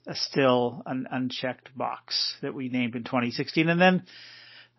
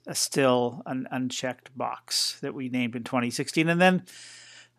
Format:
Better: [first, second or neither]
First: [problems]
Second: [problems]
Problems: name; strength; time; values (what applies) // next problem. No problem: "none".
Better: second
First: garbled, watery; slightly; nothing above 5.5 kHz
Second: none